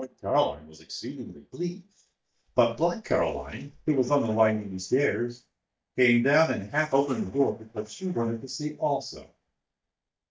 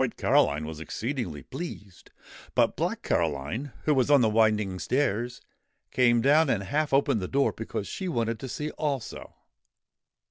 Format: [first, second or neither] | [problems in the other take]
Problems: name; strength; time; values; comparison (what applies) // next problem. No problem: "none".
second | noise reduction (neural mask model DeepFilterNet 3)